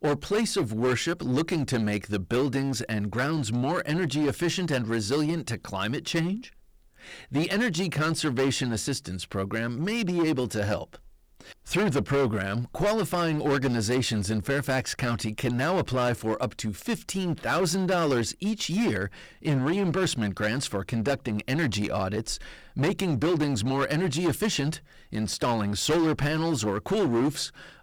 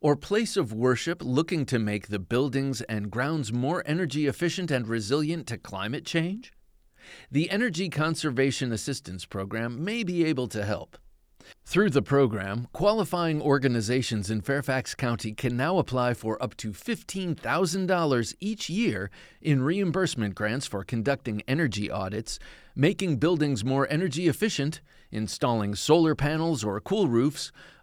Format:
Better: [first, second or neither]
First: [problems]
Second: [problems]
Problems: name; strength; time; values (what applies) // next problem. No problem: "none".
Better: second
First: distortion; heavy; 13% of the sound clipped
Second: none